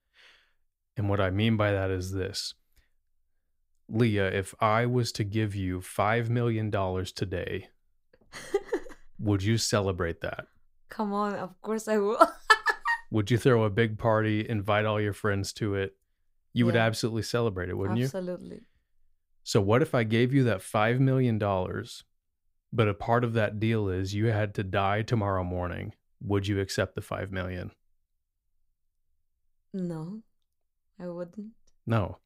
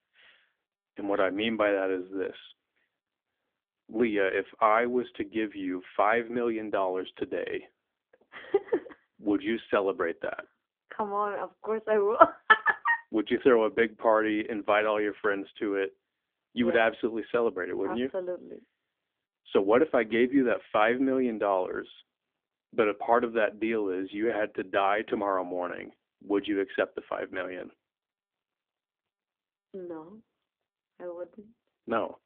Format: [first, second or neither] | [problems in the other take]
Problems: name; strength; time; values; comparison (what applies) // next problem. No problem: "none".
first | phone-call audio; nothing above 3.5 kHz